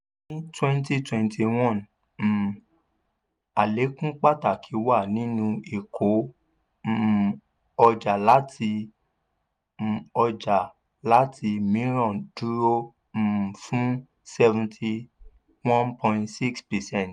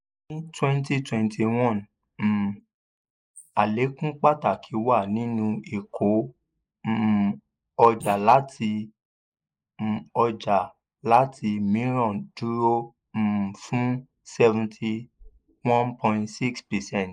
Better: first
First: none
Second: noise reduction (neural mask model Resemble Enhance denoiser)

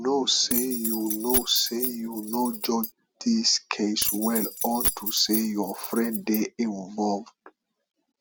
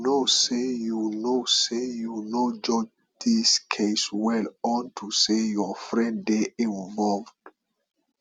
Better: second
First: background sound (Keys jangling); 4 dB below the speech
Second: none

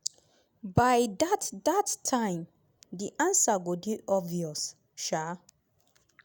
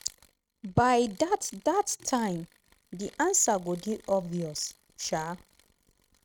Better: first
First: none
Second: noise reduction (neural mask model RNNoise)

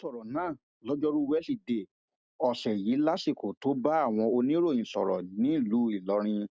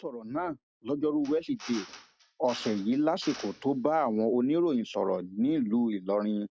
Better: first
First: none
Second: background sound (Drill); 18 dB below the speech

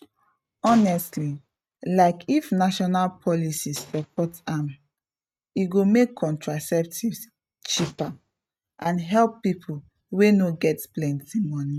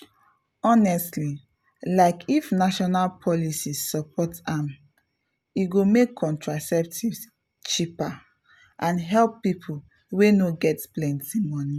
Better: second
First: noise reduction (neural mask model RNNoise)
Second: none

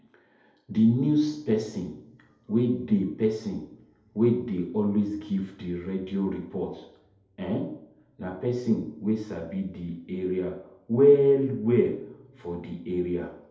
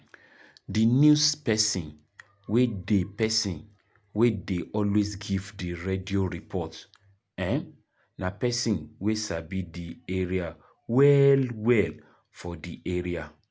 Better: second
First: room echo; dies away in 1.9 s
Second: none

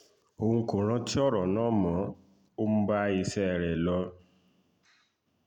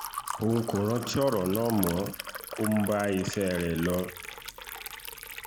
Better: first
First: none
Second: background sound (Liquid); 10 dB below the speech

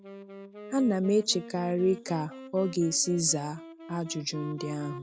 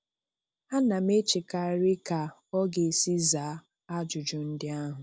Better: second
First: background sound (Wind instrument, woodwind instrument); 15 dB below the speech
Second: none

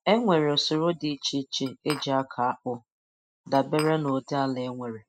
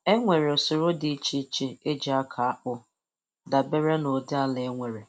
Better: second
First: noise reduction (classical method spectral subtraction)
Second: none

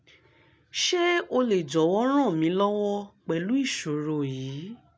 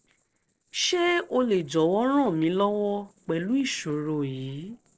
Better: first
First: none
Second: noise reduction (neural separator model SepFormer DNS4)

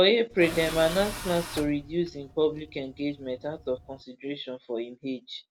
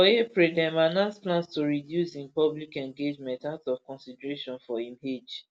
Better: second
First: background sound (Tools); 12 dB below the speech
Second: none

